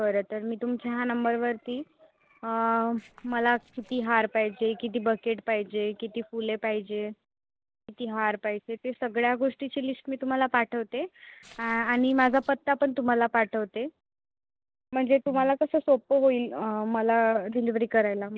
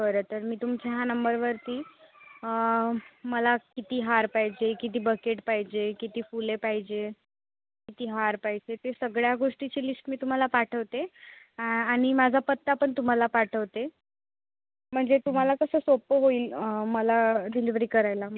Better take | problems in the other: second | noise reduction (neural separator model SepFormer DNS4)

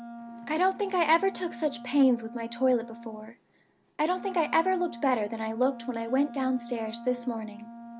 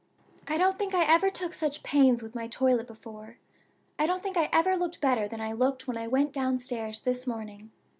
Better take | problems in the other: second | background sound (Wind instrument, woodwind instrument); 14 dB below the speech

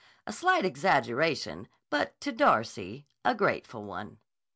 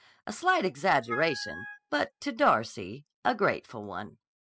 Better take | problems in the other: first | noise reduction (classical method spectral subtraction)

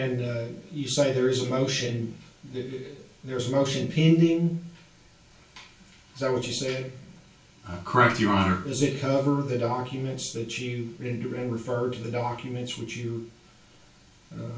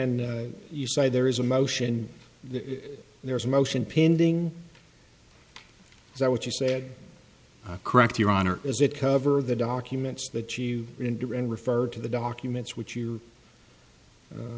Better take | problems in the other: second | room echo; dies away in 0.2 s

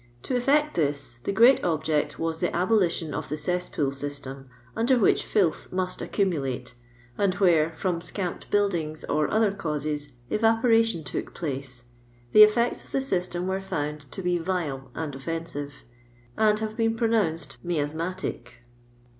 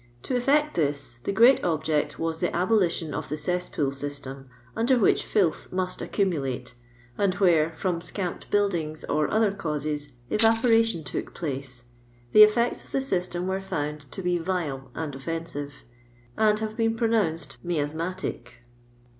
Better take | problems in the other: first | background sound (Tambourine); 10 dB below the speech

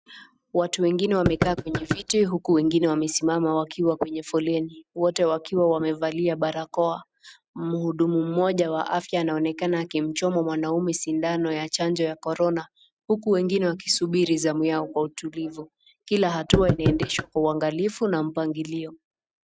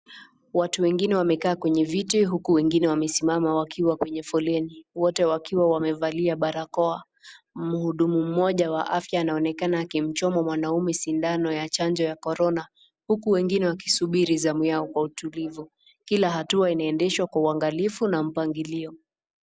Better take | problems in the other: second | noise reduction (neural mask model RNNoise)

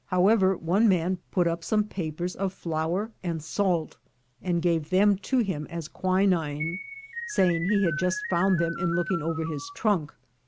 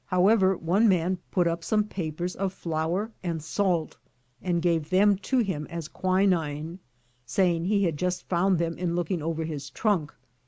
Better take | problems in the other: second | background sound (Keyboard (musical)); 9 dB below the speech

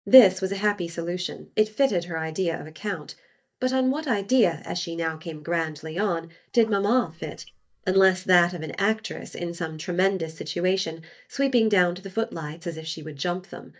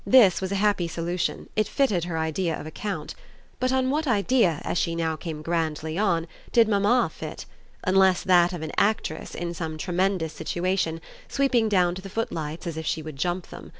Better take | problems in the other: second | noise reduction (neural mask model DeepFilterNet 3)

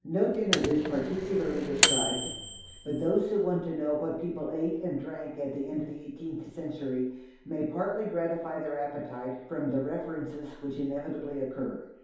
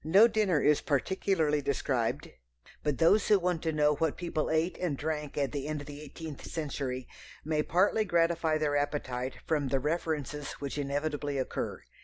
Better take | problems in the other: second | background sound (Microwave oven); 1 dB above the speech // room echo; dies away in 0.8 s

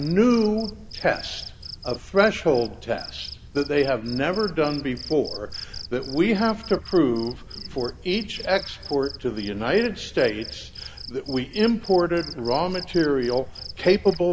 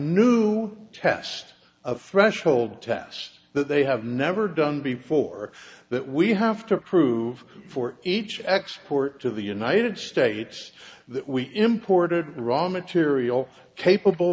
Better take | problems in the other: second | background sound (Cricket); 14 dB below the speech

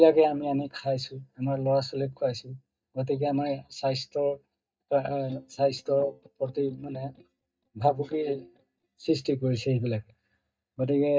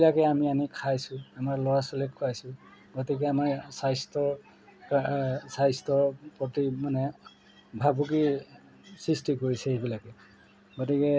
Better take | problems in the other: second | noise reduction (neural mask model DeepFilterNet 3)

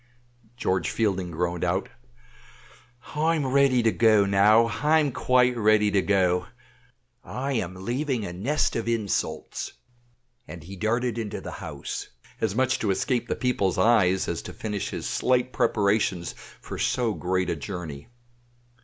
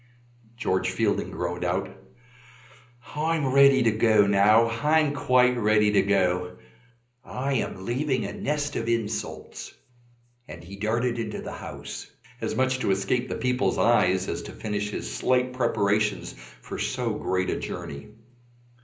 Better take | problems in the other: first | room echo; dies away in 0.5 s

